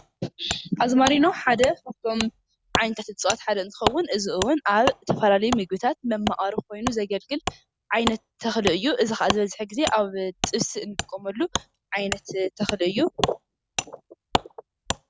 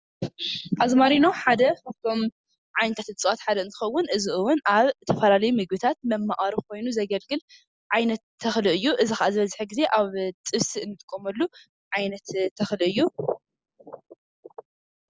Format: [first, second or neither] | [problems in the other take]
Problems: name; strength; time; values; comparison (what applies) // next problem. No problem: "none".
second | background sound (Wood); 8 dB below the speech